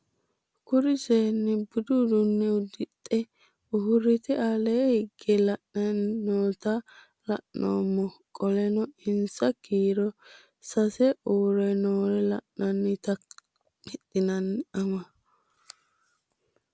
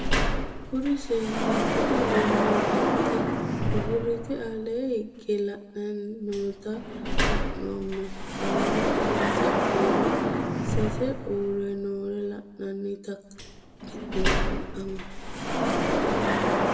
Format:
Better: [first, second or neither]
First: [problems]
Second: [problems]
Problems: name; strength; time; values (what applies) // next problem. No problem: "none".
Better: first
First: none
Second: background sound (Sliding door); 5 dB above the speech // room echo; dies away in 1.1 s